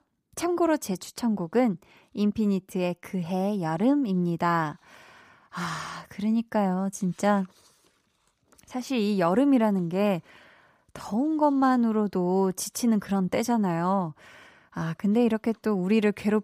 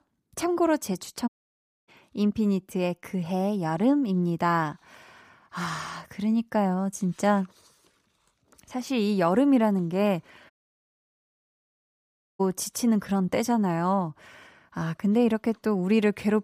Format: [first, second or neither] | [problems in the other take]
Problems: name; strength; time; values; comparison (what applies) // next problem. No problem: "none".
first | audio cutting out; at 1.5 s for 0.5 s and at 11 s for 2 s